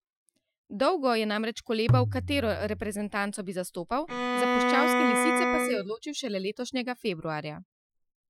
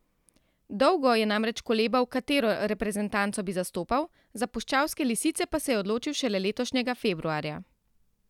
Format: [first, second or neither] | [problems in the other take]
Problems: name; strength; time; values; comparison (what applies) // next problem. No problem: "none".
second | noise reduction (classical method Wiener filter)